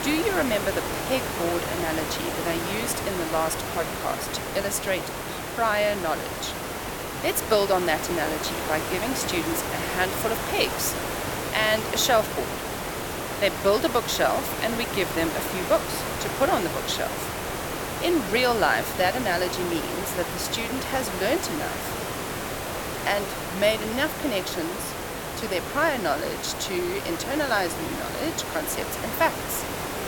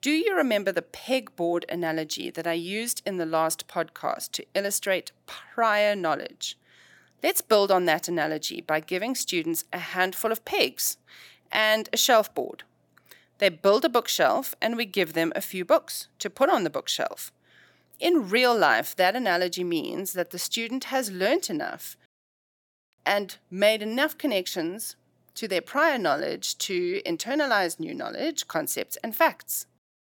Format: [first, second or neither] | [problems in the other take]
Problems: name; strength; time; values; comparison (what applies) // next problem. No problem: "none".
second | hiss; loud; throughout; 3 dB below the speech